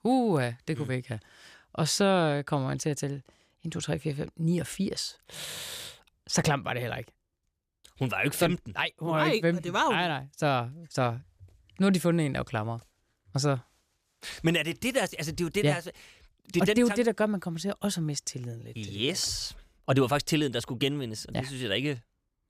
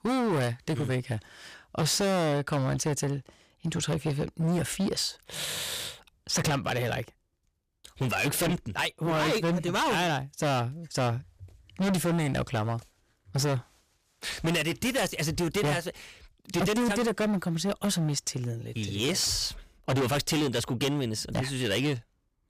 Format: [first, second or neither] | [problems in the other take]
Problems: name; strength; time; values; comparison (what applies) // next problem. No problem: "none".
first | distortion; heavy; 18% of the sound clipped